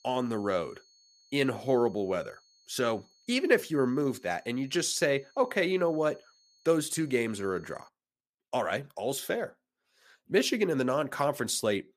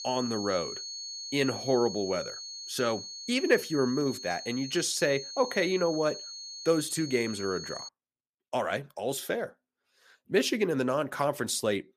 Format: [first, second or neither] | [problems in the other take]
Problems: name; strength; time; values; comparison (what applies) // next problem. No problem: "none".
first | high-pitched whine; loud; until 8 s; 4.5 kHz, 9 dB below the speech; faint in the first